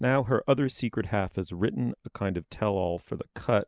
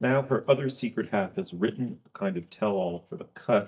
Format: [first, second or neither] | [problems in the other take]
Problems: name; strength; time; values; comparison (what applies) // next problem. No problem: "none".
first | noise reduction (neural mask model DeepFilterNet 3)